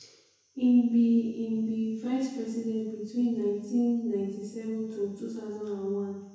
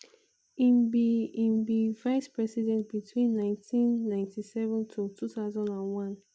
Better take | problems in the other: second | room echo; dies away in 1 s

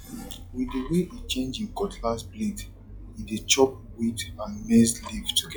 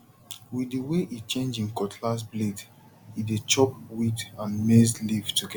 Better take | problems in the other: second | noise reduction (classical method log-MMSE)

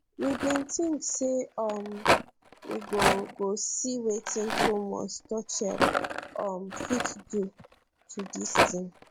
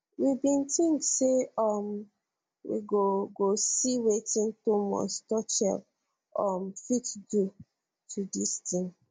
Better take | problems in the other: second | background sound (Rattle); as loud as the speech

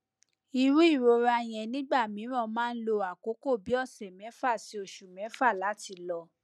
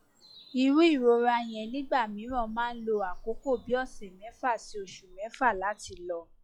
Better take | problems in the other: first | noise reduction (classical method log-MMSE)

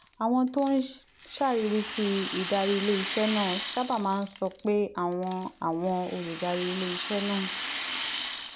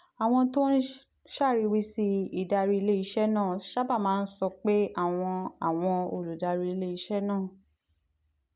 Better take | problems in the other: second | background sound (Rattle); 8 dB below the speech

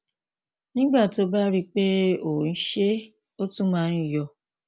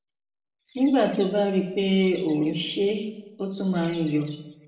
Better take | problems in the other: first | noise reduction (neural separator model SepFormer DNS4)

